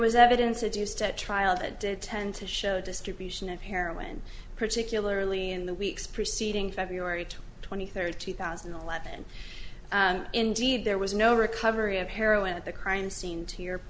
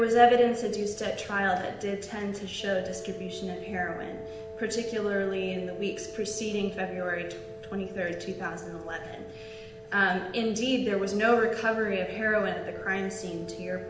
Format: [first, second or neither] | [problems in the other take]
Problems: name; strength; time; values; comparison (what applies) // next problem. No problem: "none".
first | background sound (Wind instrument, woodwind instrument); 13 dB below the speech // room echo; dies away in 0.8 s